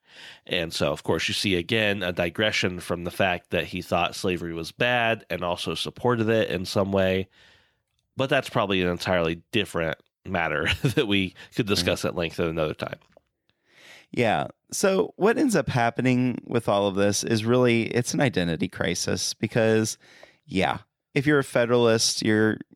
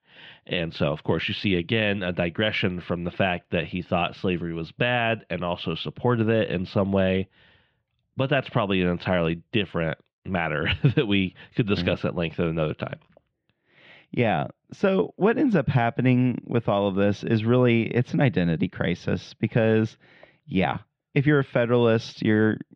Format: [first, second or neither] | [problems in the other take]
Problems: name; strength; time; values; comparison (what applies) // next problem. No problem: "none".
first | muffled; very; fading above 3 kHz